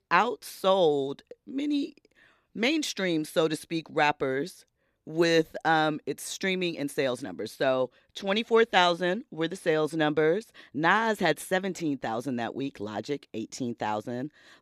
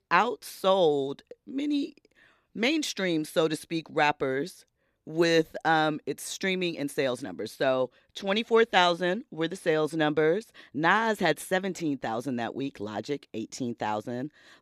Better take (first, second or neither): neither